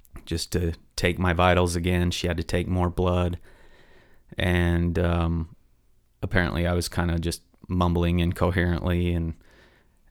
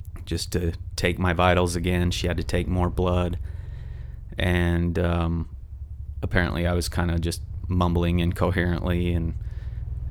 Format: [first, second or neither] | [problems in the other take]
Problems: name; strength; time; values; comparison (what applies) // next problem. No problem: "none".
first | low rumble; faint; throughout; 25 dB below the speech